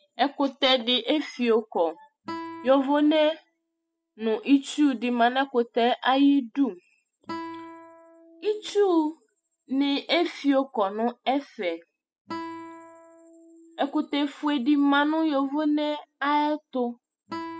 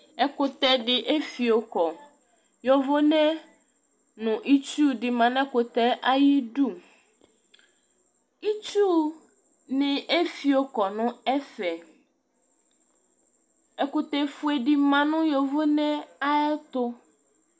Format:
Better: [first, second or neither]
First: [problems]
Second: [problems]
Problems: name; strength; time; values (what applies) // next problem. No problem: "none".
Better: second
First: noise reduction (classical method spectral subtraction)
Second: none